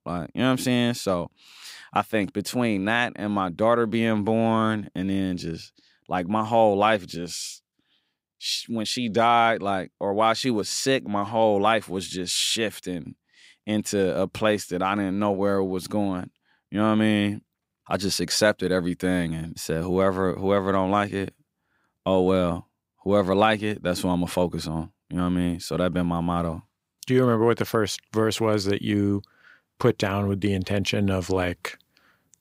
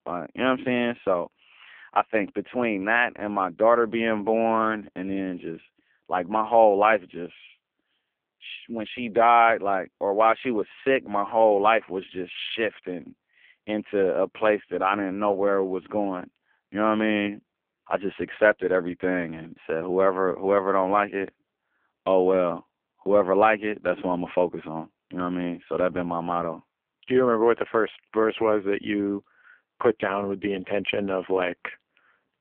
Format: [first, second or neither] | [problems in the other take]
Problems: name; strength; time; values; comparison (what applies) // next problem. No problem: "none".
first | phone-call audio; poor line; nothing above 3.5 kHz